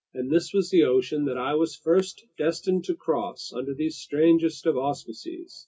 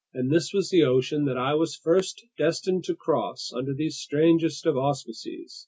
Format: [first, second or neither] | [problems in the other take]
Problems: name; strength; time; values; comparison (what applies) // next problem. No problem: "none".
second | room echo; dies away in 0.3 s